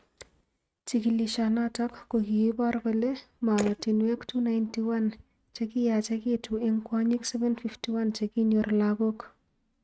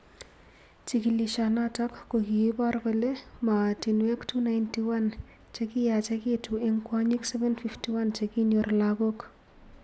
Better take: second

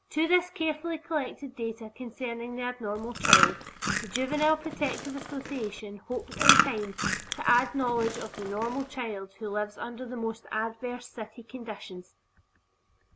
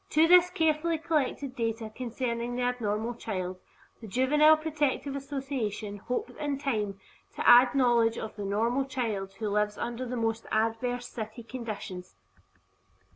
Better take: second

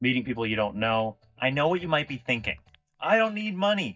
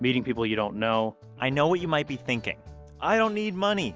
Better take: second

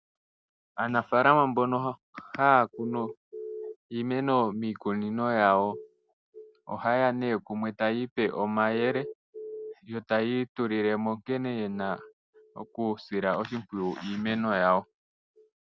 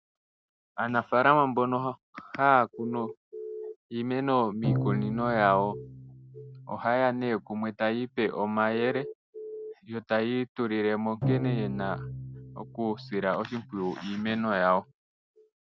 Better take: first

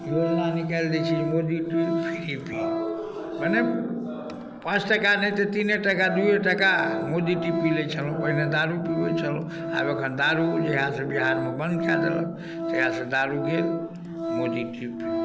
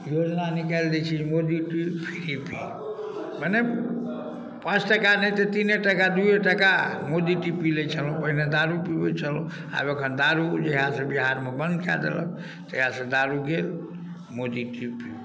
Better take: second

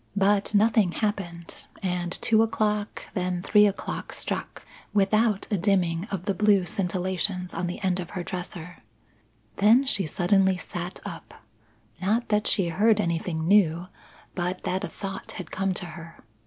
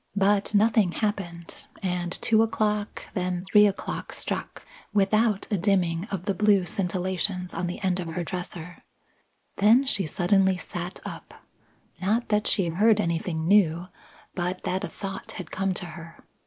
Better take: first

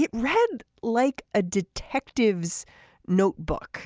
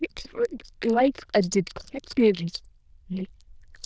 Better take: first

